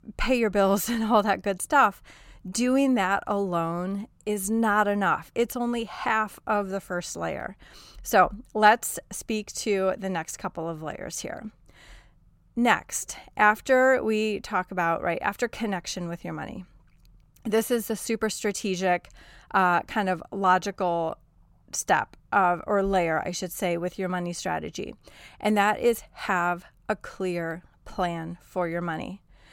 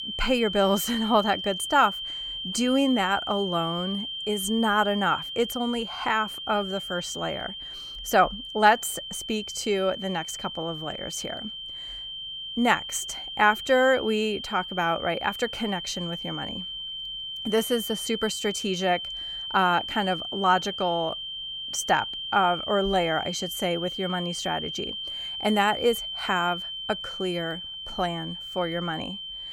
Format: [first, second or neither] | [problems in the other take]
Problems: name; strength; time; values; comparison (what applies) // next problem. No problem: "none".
first | high-pitched whine; loud; throughout; 3 kHz, 6 dB below the speech